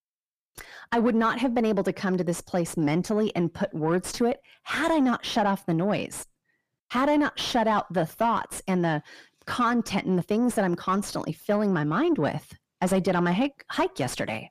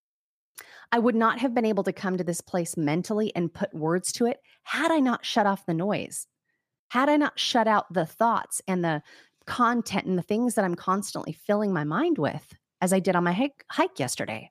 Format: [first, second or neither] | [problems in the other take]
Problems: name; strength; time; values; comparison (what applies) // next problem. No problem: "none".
second | distortion; slight; 10 dB below the speech